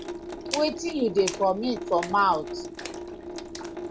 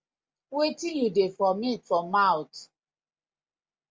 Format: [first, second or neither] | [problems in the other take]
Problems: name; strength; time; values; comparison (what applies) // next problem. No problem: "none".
second | background sound (Drip / Sink (filling or washing) / Water tap, faucet + Splash, splatter); 8 dB below the speech